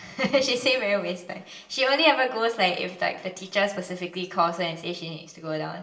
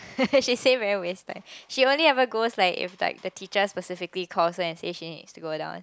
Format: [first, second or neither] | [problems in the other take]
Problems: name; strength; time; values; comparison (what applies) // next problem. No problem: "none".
second | room echo; dies away in 0.8 s